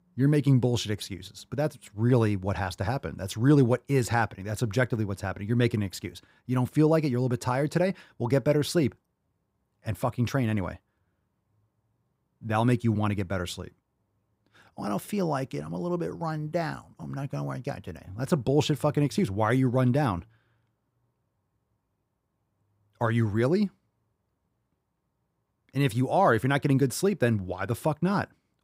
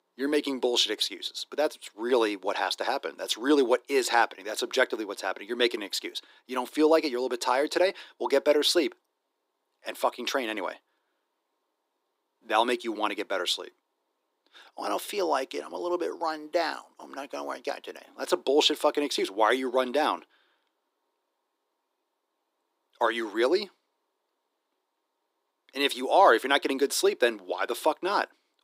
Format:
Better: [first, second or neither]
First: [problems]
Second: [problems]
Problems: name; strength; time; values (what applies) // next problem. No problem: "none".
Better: first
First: none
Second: thin; very; fading below 300 Hz